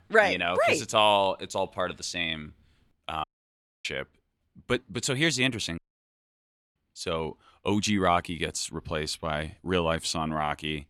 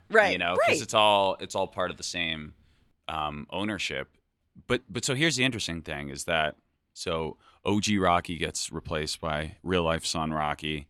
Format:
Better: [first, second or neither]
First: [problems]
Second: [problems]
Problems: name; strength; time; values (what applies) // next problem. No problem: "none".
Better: second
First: audio cutting out; at 3 s for 0.5 s and at 6 s for 1 s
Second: none